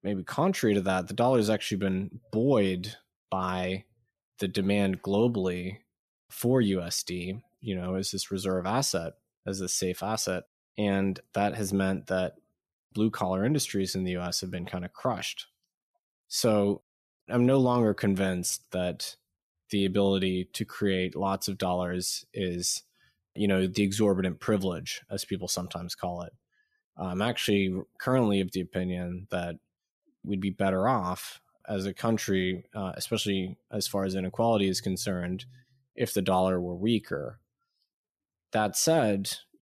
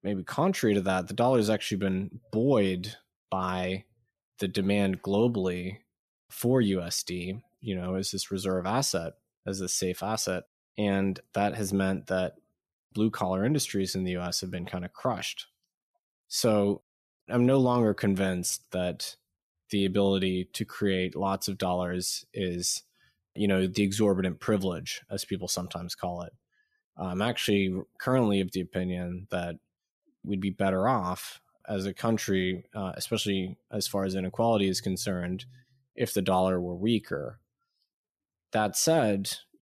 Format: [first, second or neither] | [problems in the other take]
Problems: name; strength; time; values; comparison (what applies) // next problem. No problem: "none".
neither | none